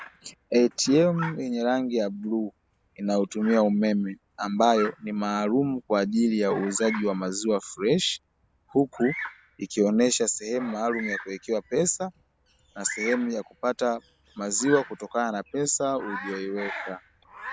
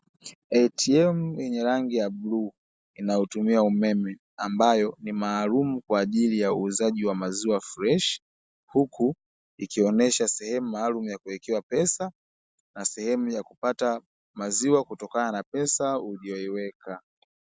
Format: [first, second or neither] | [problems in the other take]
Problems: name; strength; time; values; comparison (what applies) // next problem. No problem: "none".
second | background sound (Bird vocalization, bird call, bird song); 15 dB below the speech